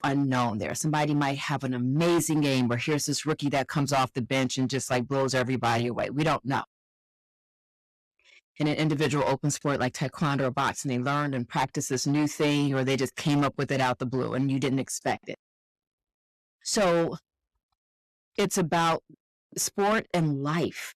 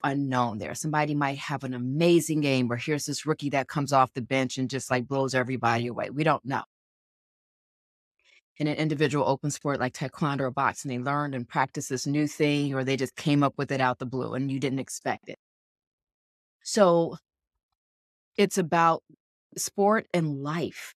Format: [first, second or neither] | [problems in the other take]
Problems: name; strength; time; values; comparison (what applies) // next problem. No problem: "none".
second | distortion; heavy; 11% of the sound clipped